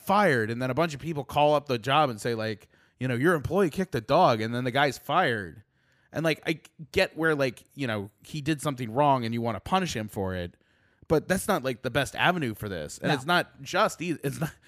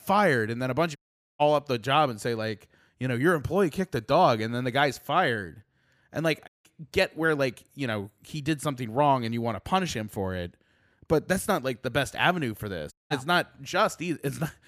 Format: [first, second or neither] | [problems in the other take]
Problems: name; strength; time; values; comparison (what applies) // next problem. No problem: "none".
first | audio cutting out; at 1 s, at 6.5 s and at 13 s